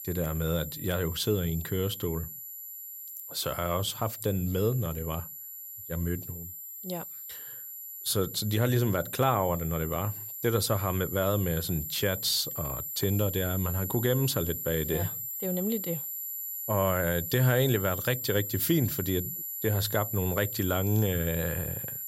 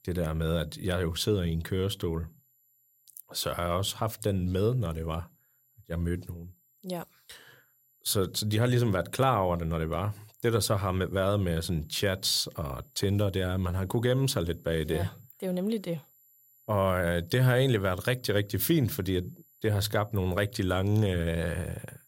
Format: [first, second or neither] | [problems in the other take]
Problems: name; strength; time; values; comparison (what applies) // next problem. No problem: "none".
second | high-pitched whine; loud; throughout; 12 kHz, 6 dB below the speech; faint in the second